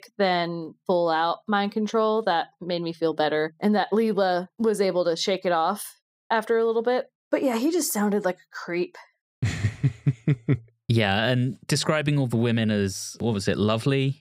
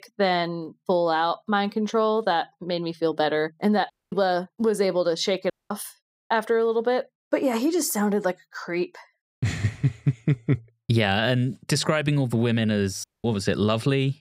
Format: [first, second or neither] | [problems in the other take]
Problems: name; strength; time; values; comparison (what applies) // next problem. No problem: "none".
first | audio cutting out; at 4 s, at 5.5 s and at 13 s